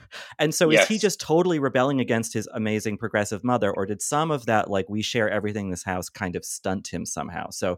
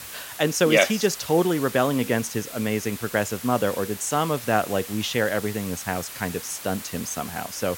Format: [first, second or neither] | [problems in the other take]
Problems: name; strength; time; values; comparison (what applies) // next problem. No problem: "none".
first | hiss; noticeable; throughout; 10 dB below the speech